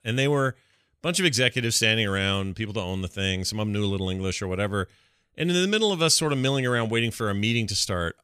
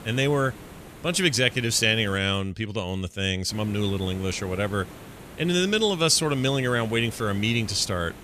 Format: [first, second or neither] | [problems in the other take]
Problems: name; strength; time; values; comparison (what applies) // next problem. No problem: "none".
first | hiss; noticeable; until 2 s and from 3.5 s on; 20 dB below the speech